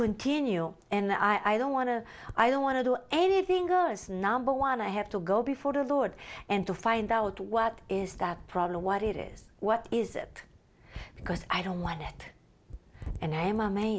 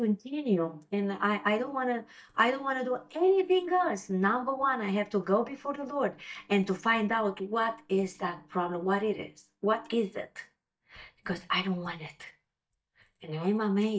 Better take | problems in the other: first | noise reduction (neural mask model DeepFilterNet 3)

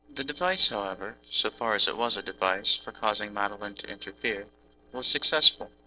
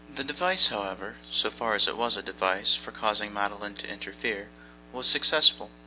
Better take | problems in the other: second | noise reduction (neural separator model SepFormer DNS4)

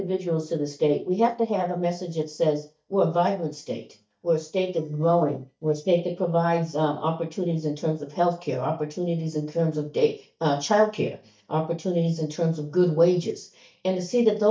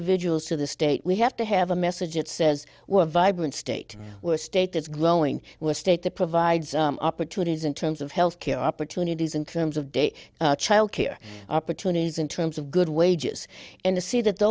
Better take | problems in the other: second | noise reduction (neural mask model DeepFilterNet 3)

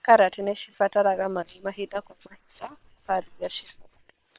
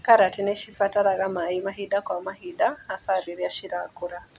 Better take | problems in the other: second | noise reduction (neural separator model SepFormer WHAM!)

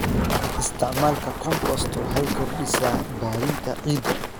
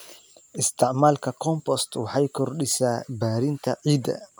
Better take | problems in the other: second | background sound (Walk, footsteps + Thunder); 1 dB above the speech

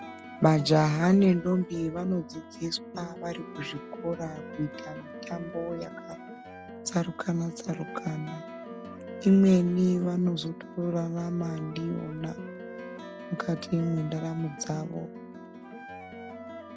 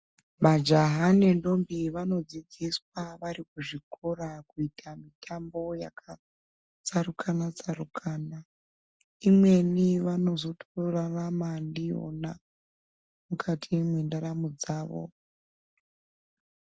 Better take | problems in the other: second | background sound (Wind instrument, woodwind instrument + Plucked string instrument); 13 dB below the speech

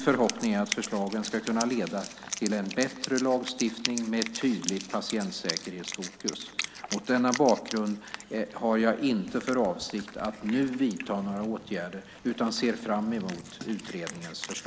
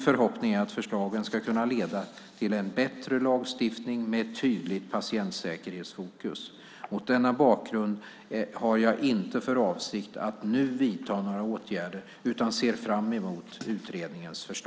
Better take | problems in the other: second | background sound (Wind instrument, woodwind instrument); 11 dB below the speech

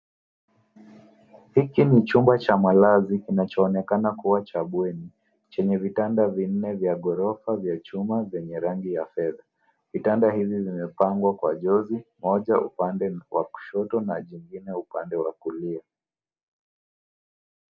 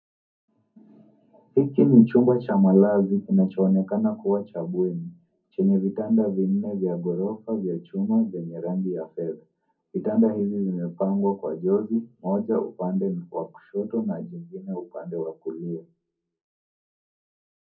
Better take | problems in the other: first | room echo; dies away in 0.4 s

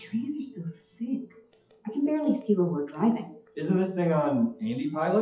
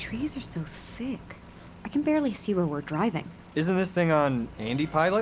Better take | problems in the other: second | noise reduction (classical method WPE with log-MMSE)

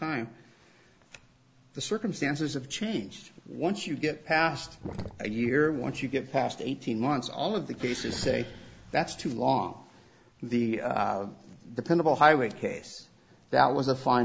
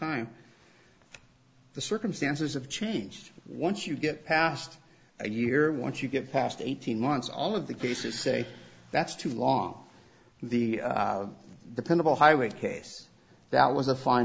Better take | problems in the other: second | background sound (Sink (filling or washing)); 14 dB below the speech

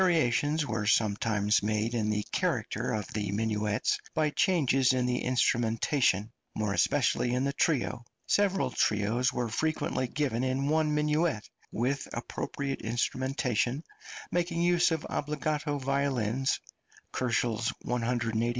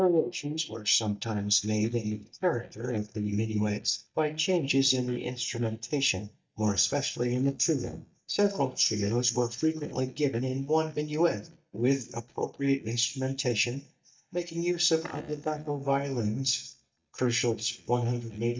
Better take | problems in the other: first | noise reduction (neural mask model DeepFilterNet 3)

